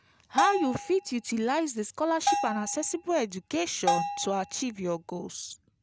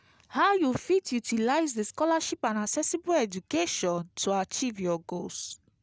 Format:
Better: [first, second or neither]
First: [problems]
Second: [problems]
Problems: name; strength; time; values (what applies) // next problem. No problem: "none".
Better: second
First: background sound (Bell); 3 dB below the speech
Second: none